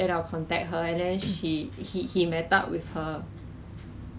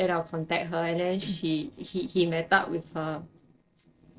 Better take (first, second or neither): first